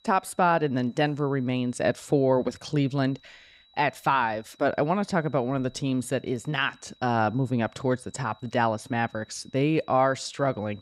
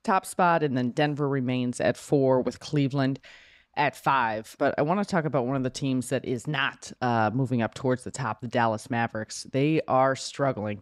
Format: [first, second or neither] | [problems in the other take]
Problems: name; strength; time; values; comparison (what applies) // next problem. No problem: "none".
second | high-pitched whine; faint; throughout; 4 kHz, 30 dB below the speech